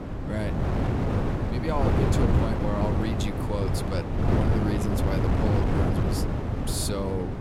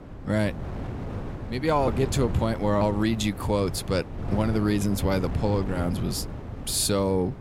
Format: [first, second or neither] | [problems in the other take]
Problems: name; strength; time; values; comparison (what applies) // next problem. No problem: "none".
second | wind noise on the microphone; heavy; 2 dB above the speech; occasional gusts in the second